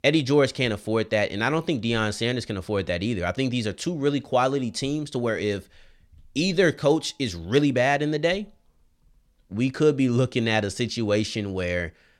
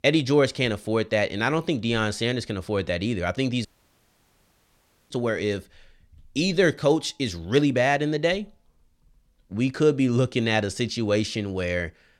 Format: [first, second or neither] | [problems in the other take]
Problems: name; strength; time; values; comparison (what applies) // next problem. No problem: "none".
first | audio cutting out; at 3.5 s for 1.5 s